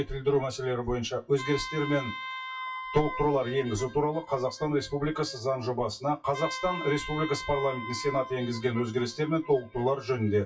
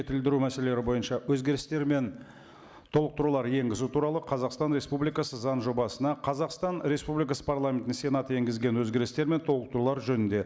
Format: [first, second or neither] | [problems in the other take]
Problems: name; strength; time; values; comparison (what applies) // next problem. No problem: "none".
second | noise reduction (classical method WPE with log-MMSE)